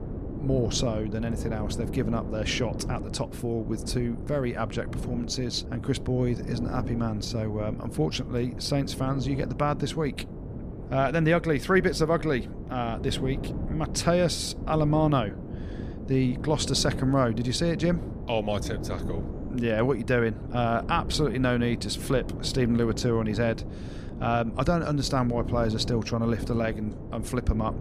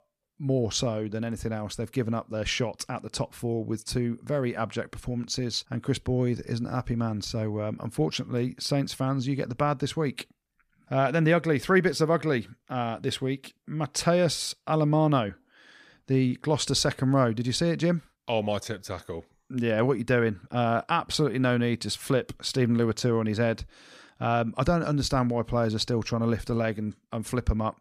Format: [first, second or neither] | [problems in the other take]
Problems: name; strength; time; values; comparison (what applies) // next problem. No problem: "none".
second | wind noise on the microphone; occasional gusts; 15 dB below the speech